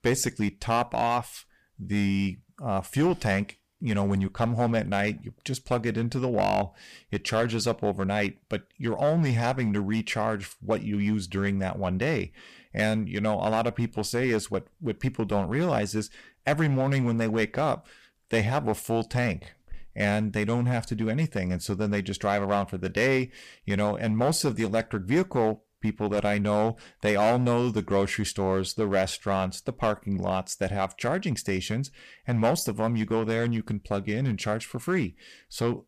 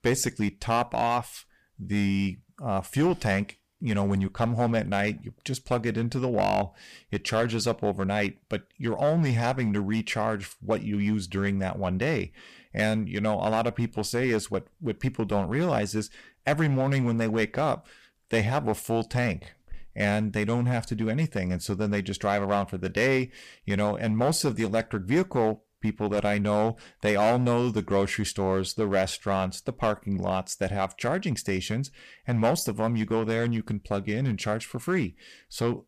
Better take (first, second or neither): neither